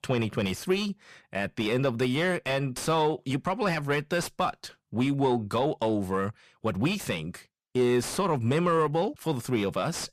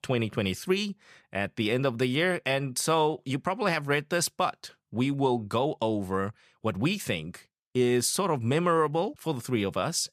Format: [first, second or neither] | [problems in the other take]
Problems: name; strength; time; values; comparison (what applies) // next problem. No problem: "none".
second | distortion; slight; 10 dB below the speech